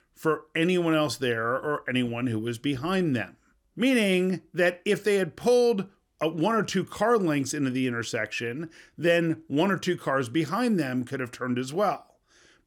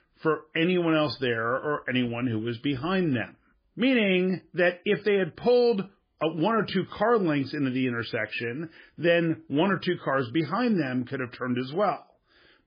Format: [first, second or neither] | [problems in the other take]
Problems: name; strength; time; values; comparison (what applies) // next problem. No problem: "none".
first | garbled, watery; badly; nothing above 5 kHz